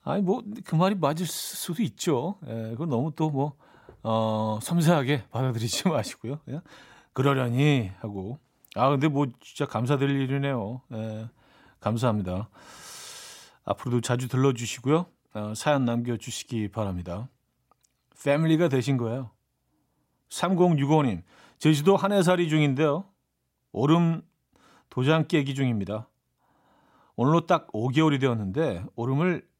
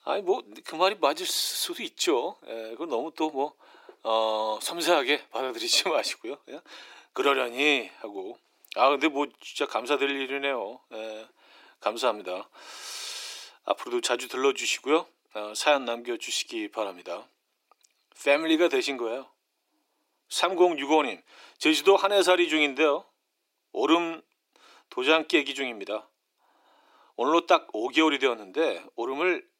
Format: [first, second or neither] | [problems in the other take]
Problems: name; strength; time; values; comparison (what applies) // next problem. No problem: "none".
first | thin; very; fading below 350 Hz